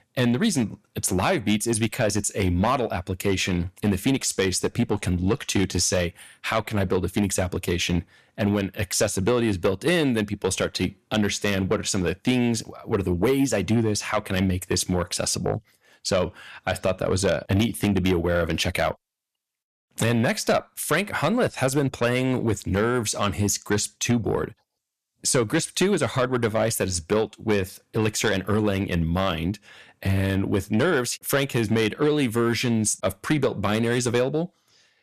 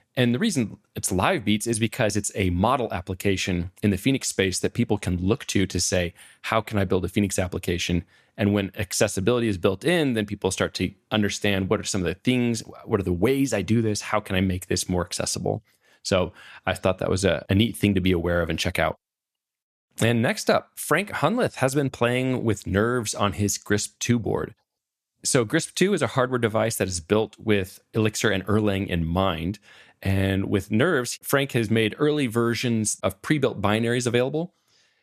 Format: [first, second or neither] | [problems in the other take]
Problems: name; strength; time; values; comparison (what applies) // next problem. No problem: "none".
second | distortion; slight; 10 dB below the speech